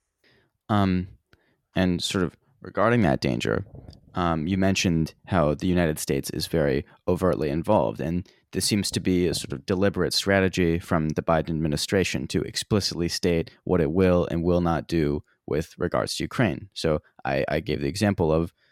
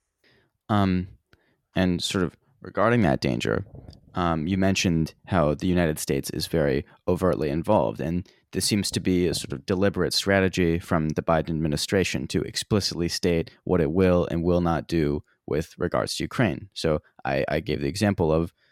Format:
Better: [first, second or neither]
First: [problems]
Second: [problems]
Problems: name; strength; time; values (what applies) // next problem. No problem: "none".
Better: neither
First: none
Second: none